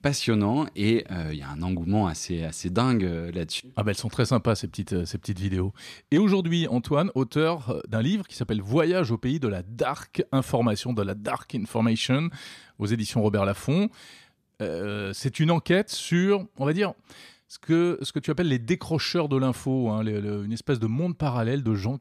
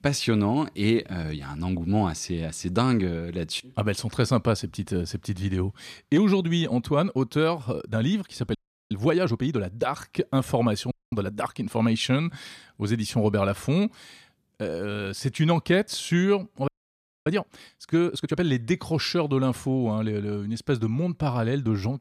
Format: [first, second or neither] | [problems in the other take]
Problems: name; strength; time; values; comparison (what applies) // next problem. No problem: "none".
first | audio freezing; at 8.5 s, at 11 s and at 17 s for 0.5 s